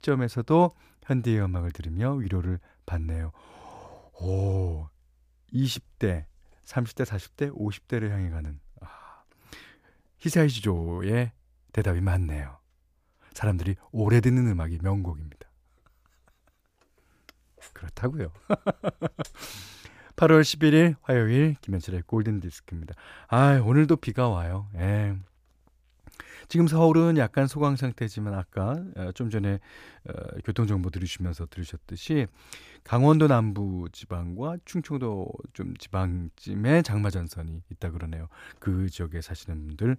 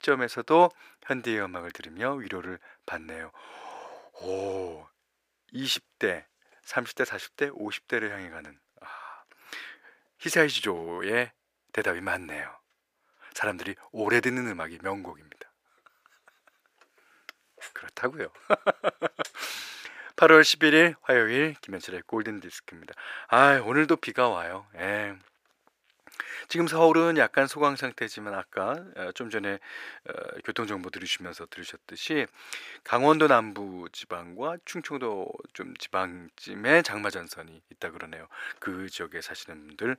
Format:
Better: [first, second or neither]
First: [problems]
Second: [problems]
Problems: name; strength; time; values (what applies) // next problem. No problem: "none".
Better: first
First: none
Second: thin; very; fading below 450 Hz